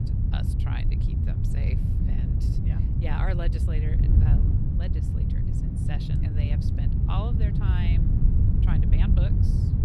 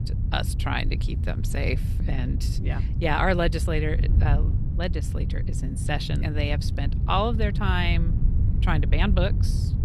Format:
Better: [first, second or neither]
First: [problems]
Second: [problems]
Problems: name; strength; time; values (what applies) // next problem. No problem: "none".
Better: second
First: wind noise on the microphone; heavy; 2 dB above the speech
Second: wind noise on the microphone; occasional gusts; 10 dB below the speech